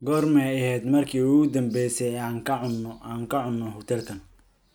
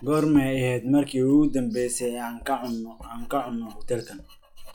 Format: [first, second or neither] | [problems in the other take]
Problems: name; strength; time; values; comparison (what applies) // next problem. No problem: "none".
first | noise reduction (classical method log-MMSE)